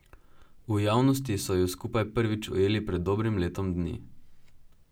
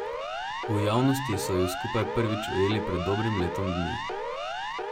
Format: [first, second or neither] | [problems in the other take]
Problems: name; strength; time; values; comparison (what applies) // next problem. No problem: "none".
first | background sound (Siren); 4 dB below the speech